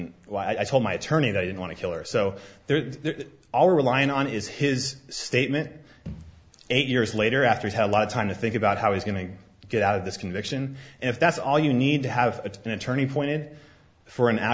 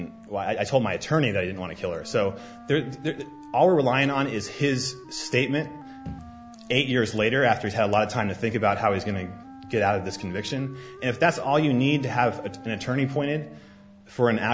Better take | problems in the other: first | background sound (Wind instrument, woodwind instrument); 20 dB below the speech

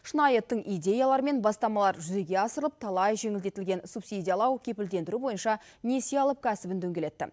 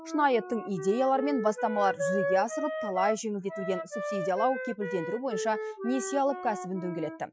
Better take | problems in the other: first | noise reduction (classical method Wiener filter)

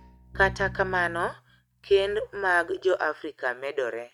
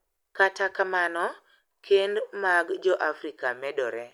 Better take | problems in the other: second | noise reduction (neural mask model RNNoise)

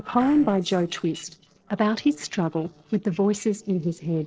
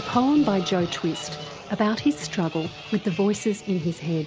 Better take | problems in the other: second | noise reduction (neural separator model SepFormer DNS4)

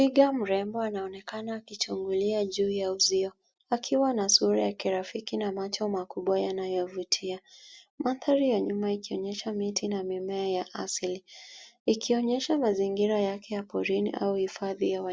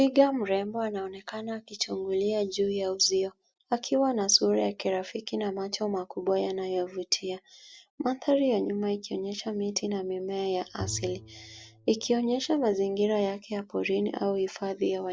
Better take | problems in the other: first | background sound (Bowed string instrument); 16 dB below the speech

